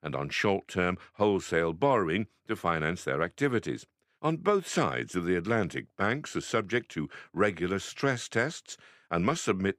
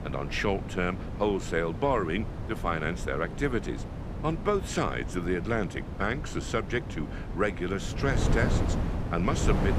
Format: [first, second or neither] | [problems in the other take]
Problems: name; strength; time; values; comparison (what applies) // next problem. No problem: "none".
first | wind noise on the microphone; heavy; 10 dB below the speech